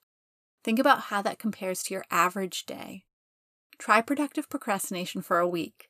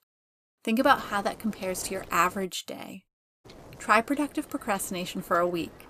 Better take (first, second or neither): first